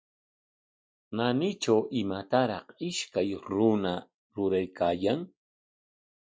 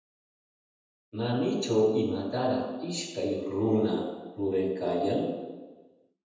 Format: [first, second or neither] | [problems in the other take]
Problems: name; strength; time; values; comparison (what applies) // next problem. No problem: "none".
first | room echo; dies away in 1.1 s